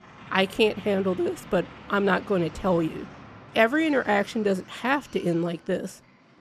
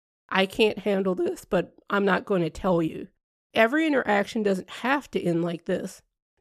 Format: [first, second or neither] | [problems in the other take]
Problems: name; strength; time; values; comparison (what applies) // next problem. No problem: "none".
second | train or aircraft noise; noticeable; throughout; 20 dB below the speech